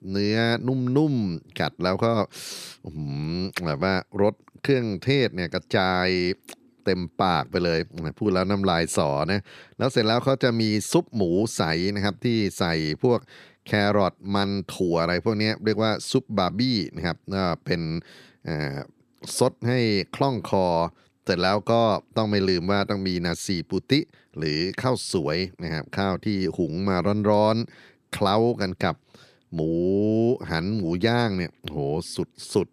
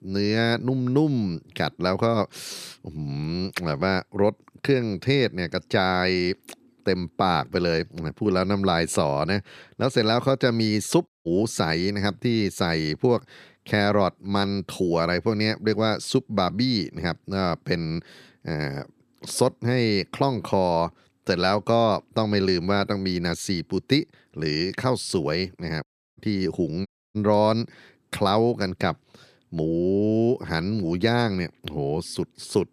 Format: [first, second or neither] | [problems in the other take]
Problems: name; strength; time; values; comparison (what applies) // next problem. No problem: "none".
first | audio cutting out; at 11 s, at 26 s and at 27 s